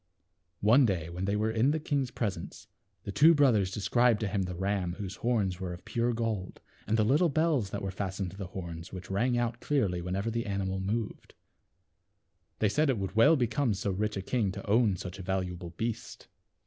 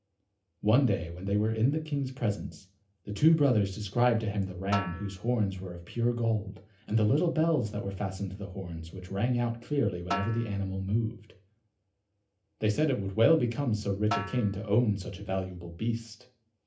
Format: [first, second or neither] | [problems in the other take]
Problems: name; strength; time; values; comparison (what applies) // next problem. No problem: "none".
first | background sound (Snare drum); 11 dB below the speech // room echo; dies away in 0.3 s